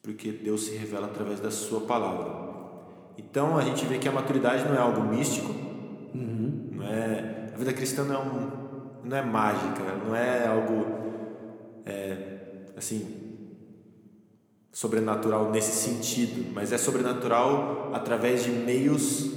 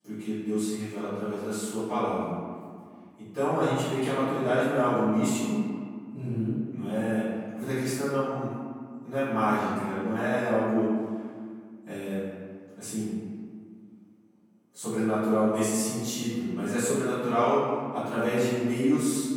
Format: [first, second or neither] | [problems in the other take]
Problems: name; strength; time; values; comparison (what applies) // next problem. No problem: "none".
first | room echo; strong; dies away in 1.8 s; slight in the first // off-mic speech; far